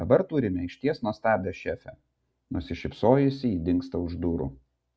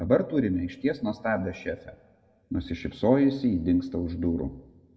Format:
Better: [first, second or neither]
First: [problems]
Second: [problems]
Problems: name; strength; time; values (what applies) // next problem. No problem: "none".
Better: first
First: none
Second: room echo; dies away in 0.9 s